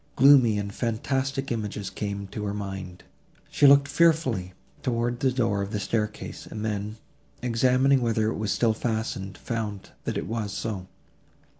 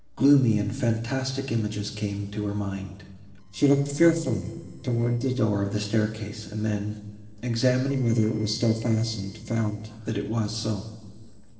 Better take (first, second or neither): first